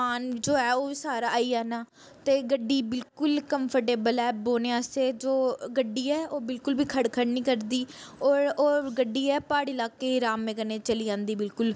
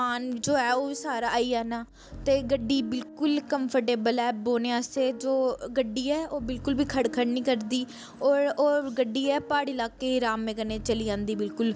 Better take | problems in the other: first | background sound (Piano); 17 dB below the speech

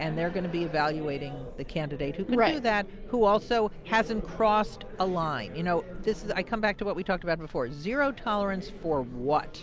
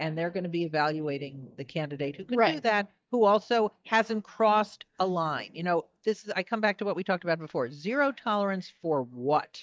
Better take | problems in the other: first | noise reduction (neural mask model DeepFilterNet 3)

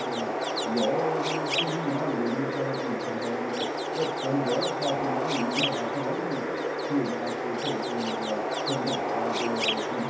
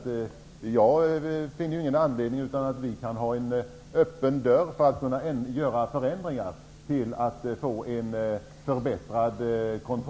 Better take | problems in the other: second | background sound (Chirp, tweet); 3 dB above the speech // room echo; dies away in 0.9 s

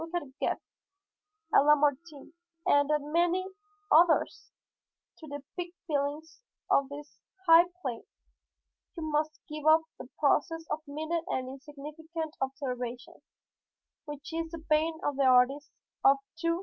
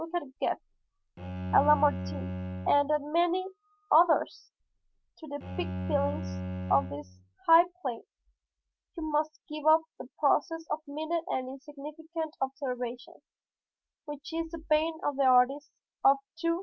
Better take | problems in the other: first | background sound (Bowed string instrument); 7 dB below the speech

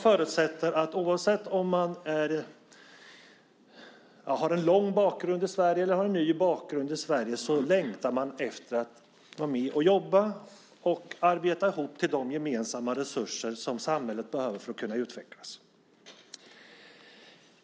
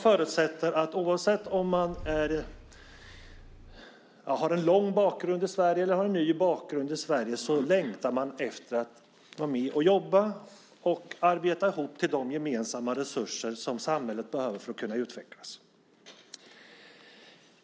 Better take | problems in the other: first | background sound (Engine starting / Car); 16 dB below the speech

